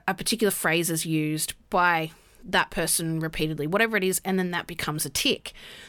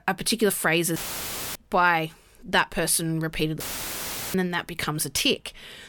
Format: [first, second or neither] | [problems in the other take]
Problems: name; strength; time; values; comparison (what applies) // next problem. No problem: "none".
first | audio cutting out; filled with static; at 1 s for 0.5 s and at 3.5 s for 0.5 s